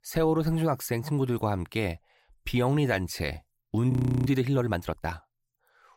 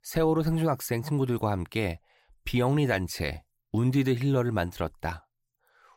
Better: second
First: audio freezing; at 4 s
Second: none

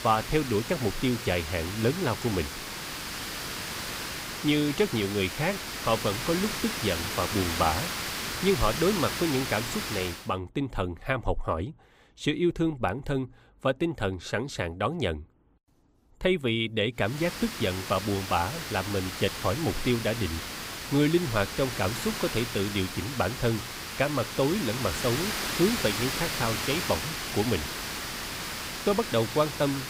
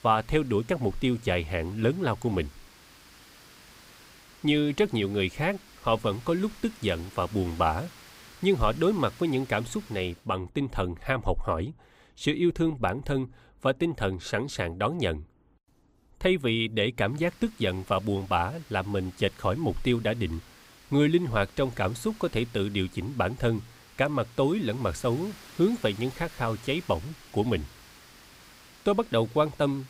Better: second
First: hiss; loud; until 10 s and from 17 s on; 4 dB below the speech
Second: hiss; faint; until 10 s and from 17 s on; 20 dB below the speech

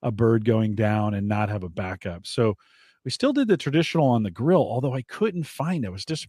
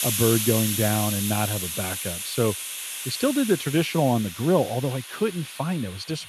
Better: first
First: none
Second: hiss; loud; throughout; 4 dB below the speech

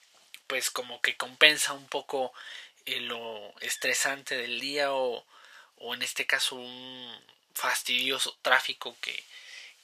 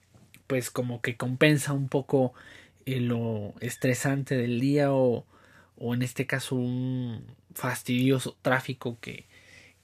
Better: second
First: thin; very; fading below 850 Hz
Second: none

